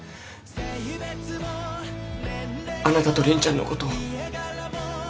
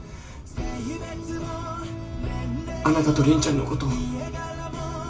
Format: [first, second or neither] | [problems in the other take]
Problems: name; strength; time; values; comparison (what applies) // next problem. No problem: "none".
first | background sound (Animal); 14 dB below the speech // room echo; dies away in 0.2 s